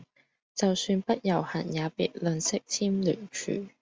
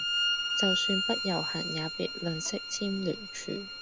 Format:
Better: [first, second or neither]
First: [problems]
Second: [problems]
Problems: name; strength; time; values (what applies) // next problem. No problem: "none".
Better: first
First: none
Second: background sound (Bowed string instrument); 1 dB above the speech